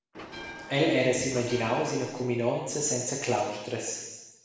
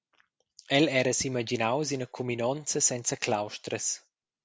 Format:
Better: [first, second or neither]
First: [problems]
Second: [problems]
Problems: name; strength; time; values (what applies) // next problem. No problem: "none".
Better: second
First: background sound (Bell); 13 dB below the speech // room echo; dies away in 1.1 s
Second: none